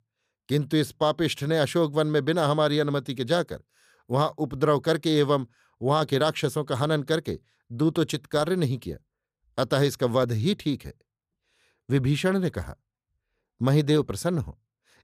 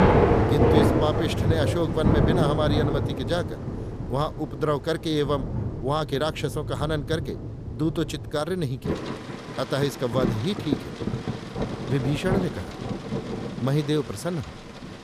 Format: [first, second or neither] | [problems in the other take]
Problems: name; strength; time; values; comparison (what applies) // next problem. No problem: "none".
first | rain or running water; very loud; throughout; as loud as the speech